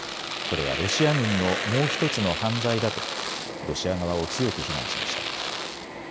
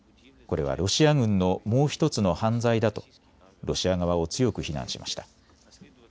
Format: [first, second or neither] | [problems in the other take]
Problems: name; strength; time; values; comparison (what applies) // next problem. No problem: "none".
second | background sound (Domestic sounds, home sounds); 3 dB below the speech